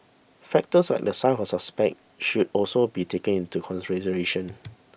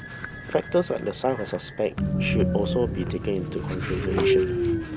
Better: first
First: none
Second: background sound (Train); 1 dB above the speech

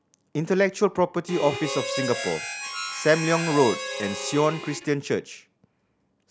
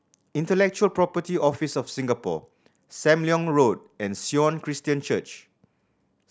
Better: second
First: background sound (Harmonica); 6 dB below the speech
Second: none

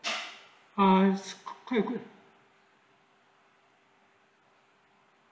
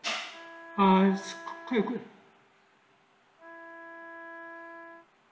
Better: first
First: none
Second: background sound (Wind instrument, woodwind instrument); 15 dB below the speech

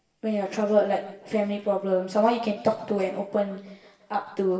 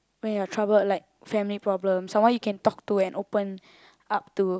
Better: second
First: room echo; dies away in 1 s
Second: none

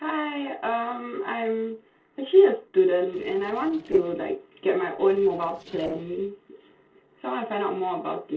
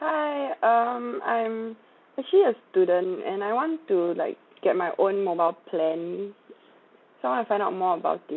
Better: second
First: noise reduction (neural separator model SepFormer DNS4)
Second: none

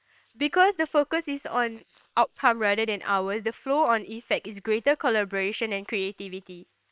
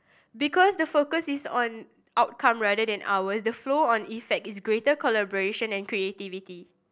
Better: second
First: noise reduction (neural separator model SepFormer WHAM!)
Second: none

